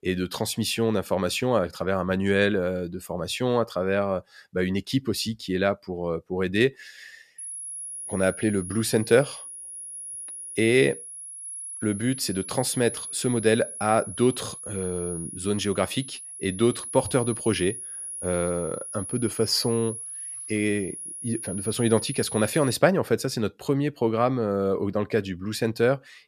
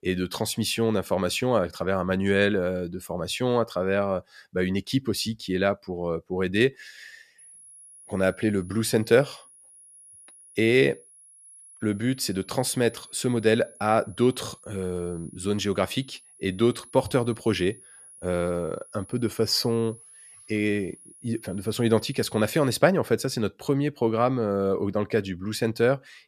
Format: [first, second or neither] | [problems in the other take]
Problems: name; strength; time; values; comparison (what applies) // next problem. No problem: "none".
second | high-pitched whine; loud; from 7.5 to 23 s; 10.5 kHz, 9 dB below the speech; faint in the second